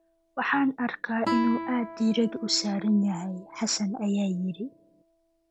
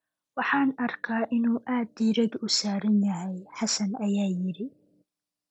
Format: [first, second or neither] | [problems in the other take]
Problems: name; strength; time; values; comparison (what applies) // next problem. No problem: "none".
second | background sound (Guitar); 10 dB below the speech